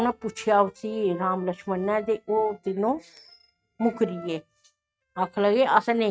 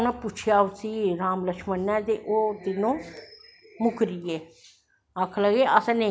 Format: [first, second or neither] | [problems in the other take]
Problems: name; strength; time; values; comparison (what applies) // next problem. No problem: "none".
second | noise reduction (neural mask model RNNoise)